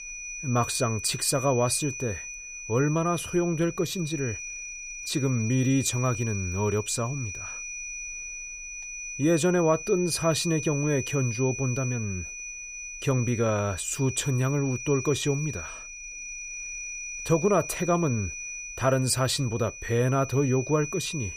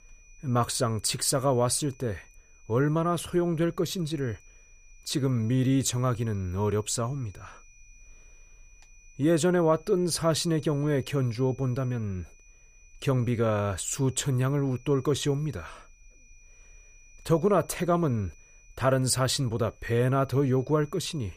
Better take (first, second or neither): second